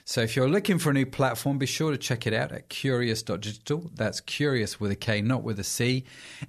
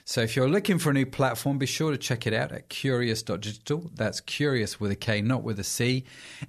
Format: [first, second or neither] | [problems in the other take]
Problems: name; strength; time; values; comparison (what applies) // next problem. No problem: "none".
neither | none